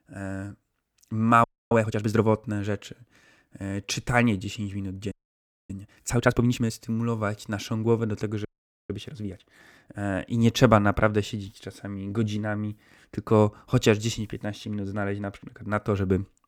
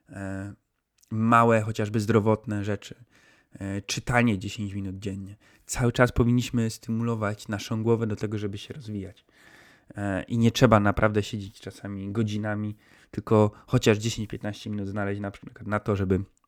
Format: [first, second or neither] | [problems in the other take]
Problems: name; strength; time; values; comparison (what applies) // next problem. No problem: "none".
second | audio freezing; at 1.5 s, at 5 s for 0.5 s and at 8.5 s